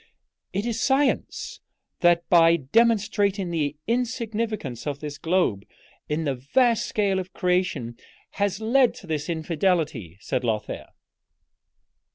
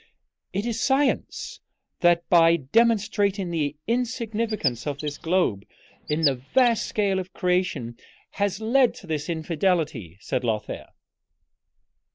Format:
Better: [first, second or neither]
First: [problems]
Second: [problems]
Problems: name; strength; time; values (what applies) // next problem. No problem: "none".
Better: first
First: none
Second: noise reduction (neural mask model Resemble Enhance denoiser)